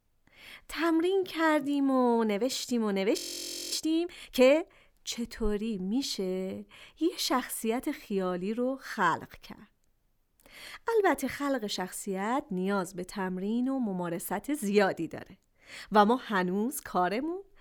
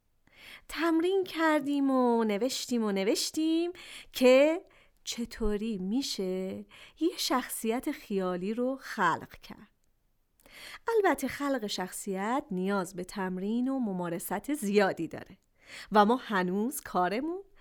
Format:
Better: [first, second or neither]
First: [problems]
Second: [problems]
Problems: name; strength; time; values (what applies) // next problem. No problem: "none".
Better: second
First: audio freezing; at 3 s for 0.5 s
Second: none